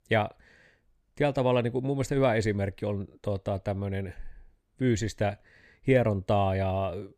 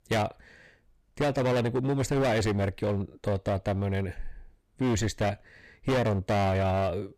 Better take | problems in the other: first | distortion; heavy; 17% of the sound clipped

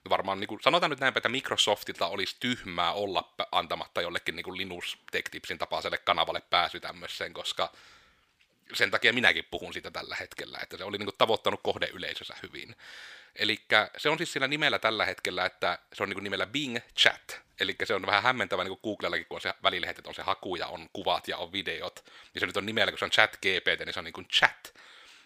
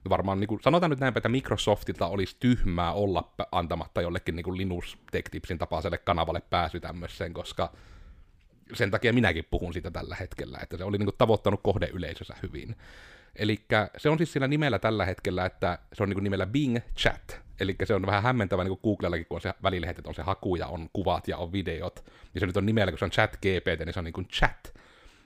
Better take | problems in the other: second | thin; somewhat; fading below 1 kHz

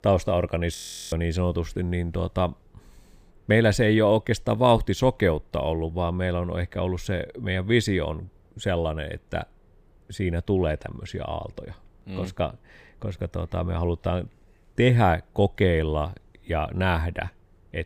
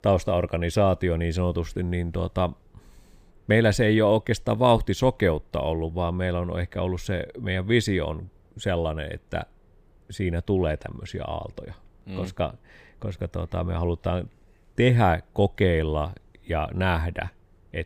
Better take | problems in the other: second | audio freezing; at 1 s

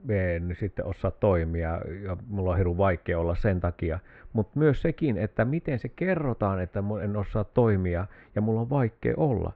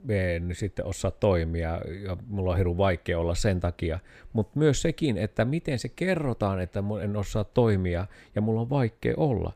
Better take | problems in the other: second | muffled; very; fading above 2 kHz

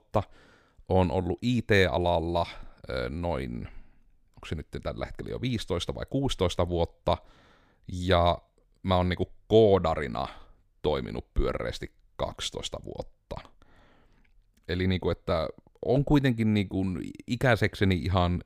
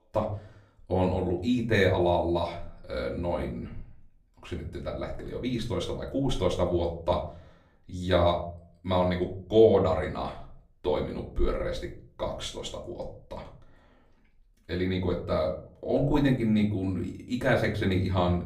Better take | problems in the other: first | off-mic speech; far // room echo; slight; dies away in 0.4 s

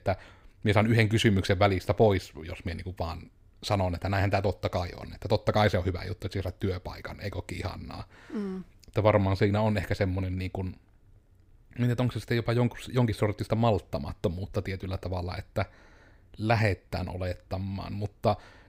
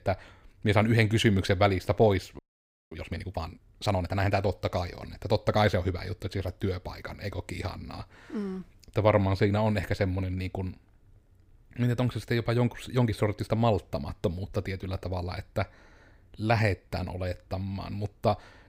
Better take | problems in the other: first | audio freezing; at 2.5 s for 0.5 s

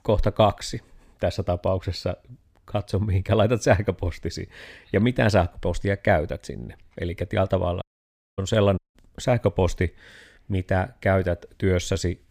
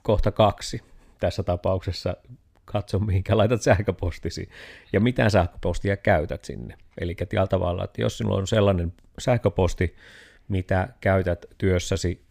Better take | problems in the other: second | audio cutting out; at 8 s for 0.5 s and at 9 s

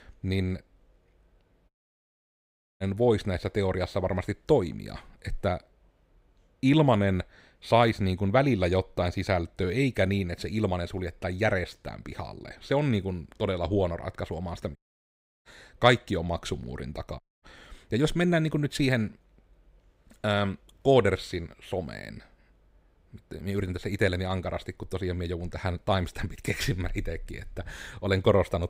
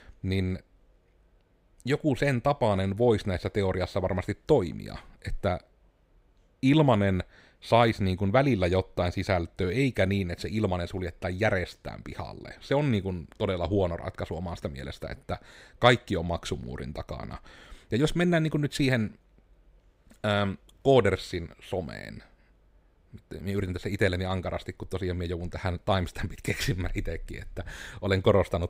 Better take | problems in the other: second | audio cutting out; at 1.5 s for 1 s, at 15 s for 0.5 s and at 17 s

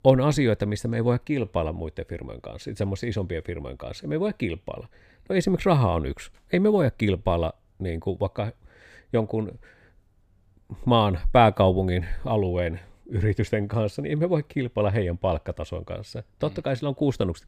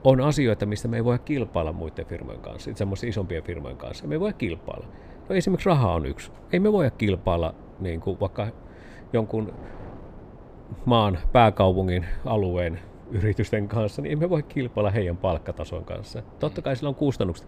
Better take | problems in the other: first | wind noise on the microphone; occasional gusts; 20 dB below the speech

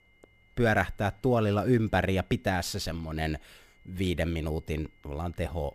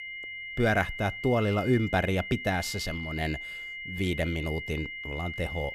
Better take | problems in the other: first | high-pitched whine; loud; throughout; 2 kHz, 7 dB below the speech; faint in the first

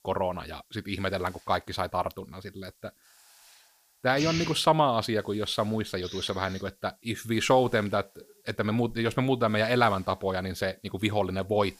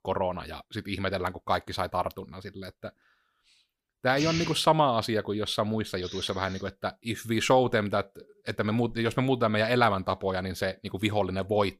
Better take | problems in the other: second | hiss; faint; throughout; 30 dB below the speech

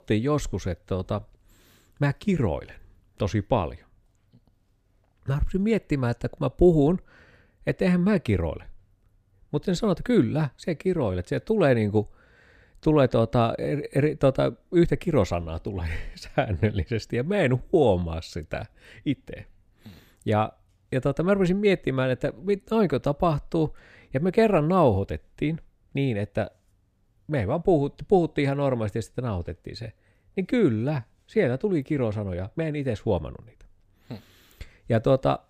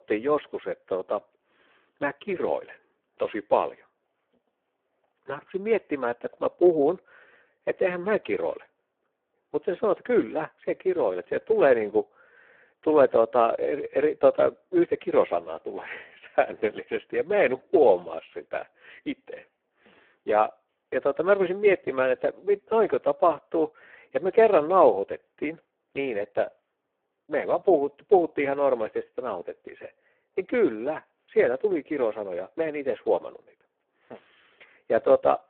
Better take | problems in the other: first | phone-call audio; poor line

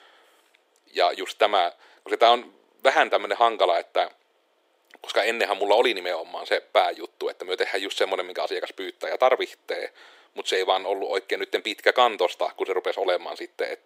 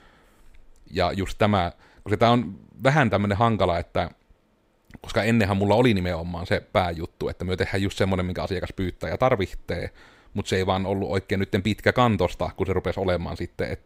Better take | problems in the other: second | thin; very; fading below 350 Hz

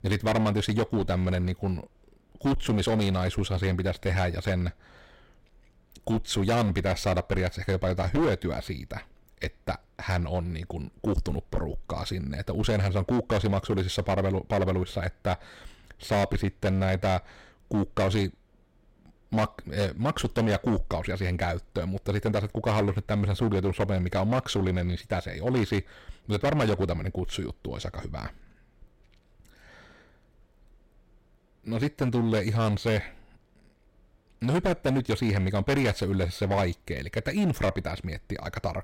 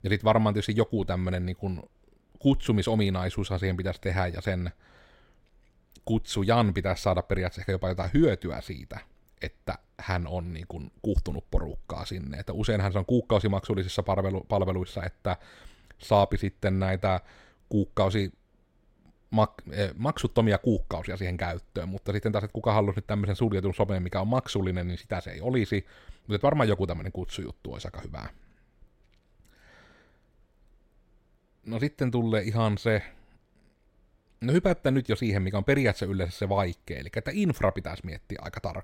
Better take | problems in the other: second | distortion; heavy; 10% of the sound clipped

